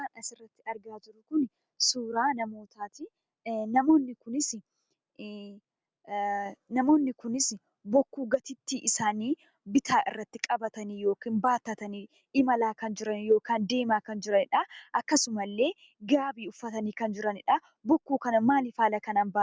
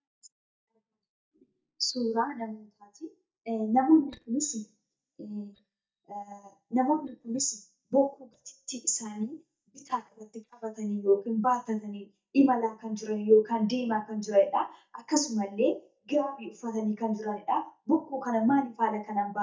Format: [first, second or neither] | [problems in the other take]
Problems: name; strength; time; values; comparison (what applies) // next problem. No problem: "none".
first | noise reduction (neural mask model DeepFilterNet 3)